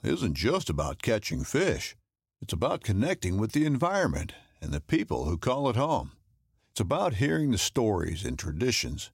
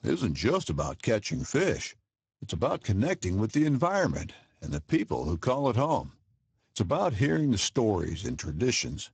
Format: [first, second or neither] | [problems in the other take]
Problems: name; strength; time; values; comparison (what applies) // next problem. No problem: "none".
first | garbled, watery; badly; nothing above 7.5 kHz